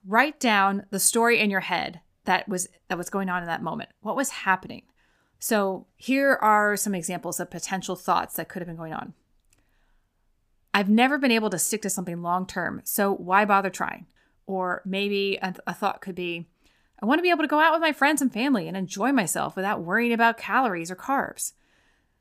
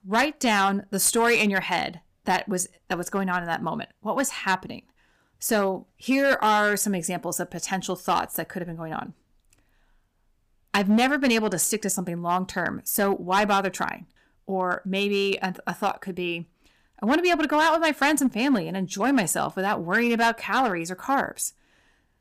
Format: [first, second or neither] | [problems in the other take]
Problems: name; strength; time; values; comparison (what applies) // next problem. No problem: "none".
first | distortion; slight; 4% of the sound clipped